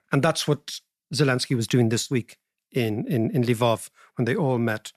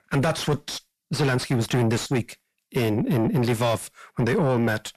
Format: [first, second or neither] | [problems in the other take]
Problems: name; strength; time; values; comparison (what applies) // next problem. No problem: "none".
first | distortion; heavy; 7 dB below the speech